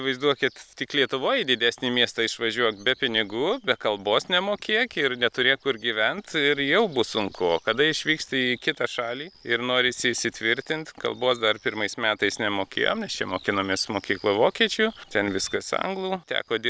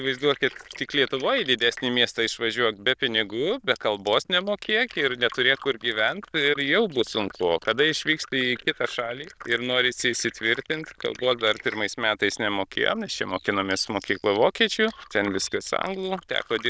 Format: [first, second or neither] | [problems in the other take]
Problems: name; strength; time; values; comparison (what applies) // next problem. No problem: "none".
first | noise reduction (neural diffusion model UNIVERSE++)